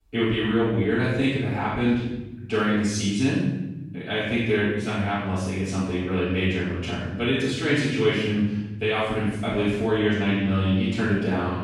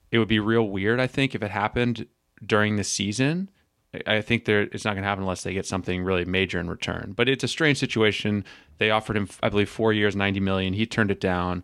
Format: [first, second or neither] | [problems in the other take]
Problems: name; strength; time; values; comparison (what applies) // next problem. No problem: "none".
second | off-mic speech; far // room echo; strong; dies away in 1.2 s